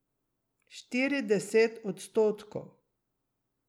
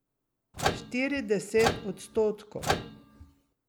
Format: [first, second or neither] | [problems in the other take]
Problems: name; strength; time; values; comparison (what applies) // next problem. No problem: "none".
first | background sound (Microwave oven); 2 dB below the speech